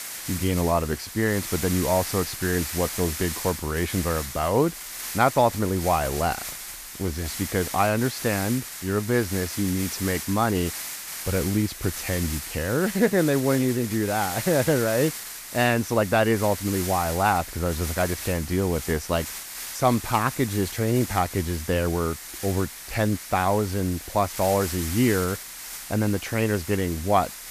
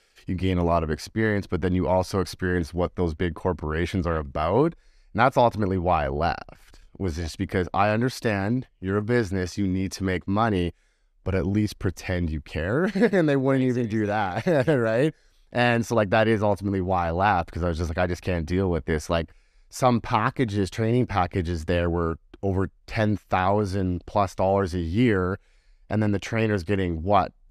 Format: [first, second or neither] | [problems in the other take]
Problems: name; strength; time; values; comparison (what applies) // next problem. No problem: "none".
second | hiss; loud; throughout; 8 dB below the speech